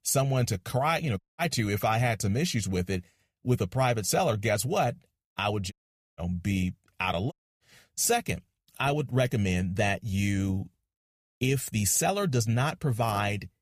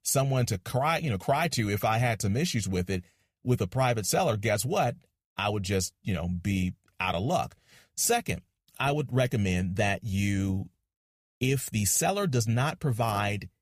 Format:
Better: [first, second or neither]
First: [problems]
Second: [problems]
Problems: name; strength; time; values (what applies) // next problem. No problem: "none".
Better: second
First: audio cutting out; at 1 s, at 5.5 s and at 7.5 s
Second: none